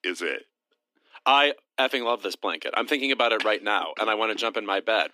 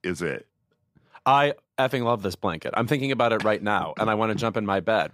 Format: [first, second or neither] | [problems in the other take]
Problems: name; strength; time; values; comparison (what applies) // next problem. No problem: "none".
second | thin; very slightly; fading below 250 Hz